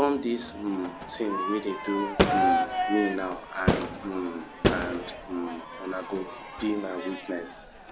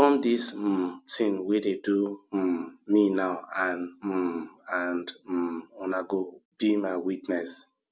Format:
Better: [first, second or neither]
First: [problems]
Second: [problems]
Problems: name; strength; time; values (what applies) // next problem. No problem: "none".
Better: second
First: background sound (Crowd / Fireworks); 1 dB above the speech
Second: none